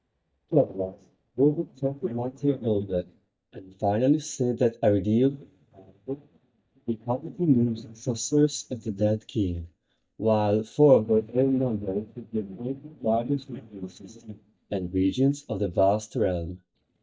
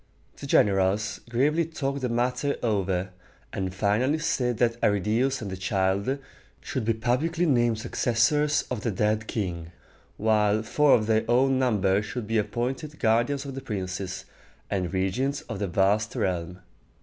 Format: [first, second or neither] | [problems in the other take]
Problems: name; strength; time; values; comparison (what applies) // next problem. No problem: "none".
second | noise reduction (neural mask model DeepFilterNet 3)